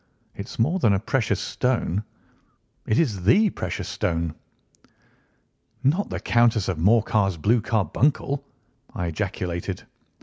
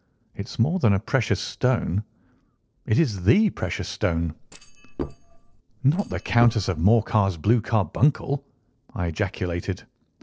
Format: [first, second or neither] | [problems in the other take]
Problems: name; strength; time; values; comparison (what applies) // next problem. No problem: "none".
first | noise reduction (neural separator model SepFormer DNS4)